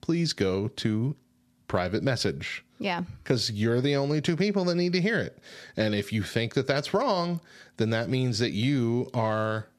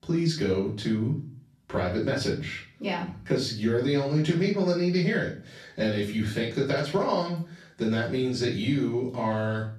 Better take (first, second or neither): first